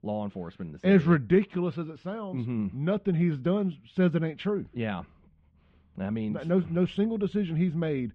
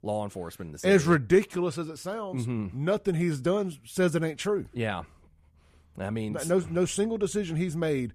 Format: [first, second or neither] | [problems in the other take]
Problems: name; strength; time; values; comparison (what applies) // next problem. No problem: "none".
second | muffled; very; fading above 3.5 kHz